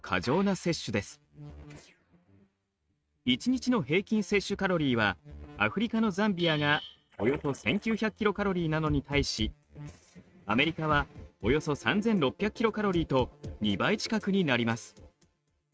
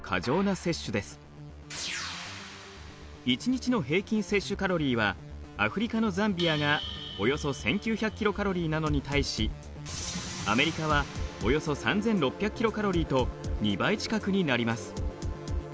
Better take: second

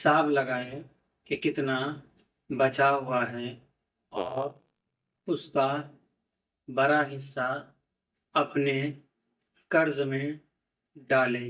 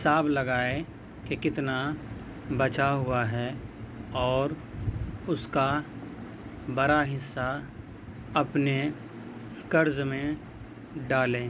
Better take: second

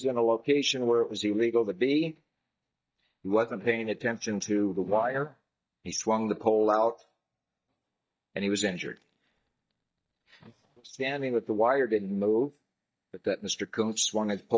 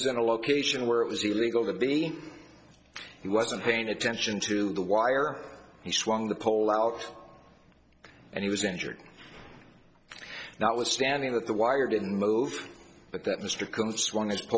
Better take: second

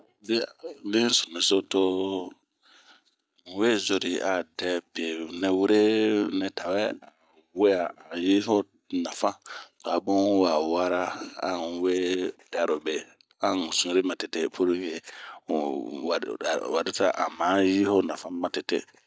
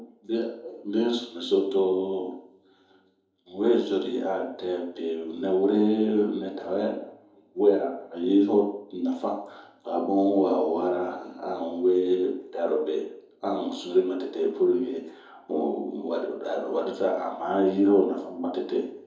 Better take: first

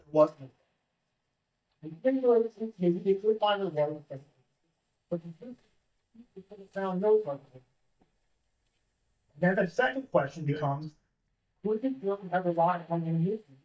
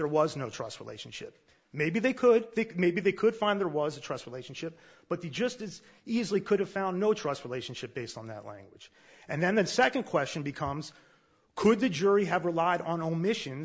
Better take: second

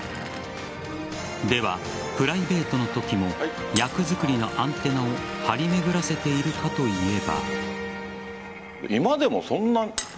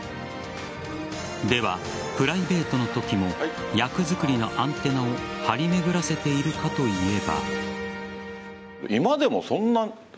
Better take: second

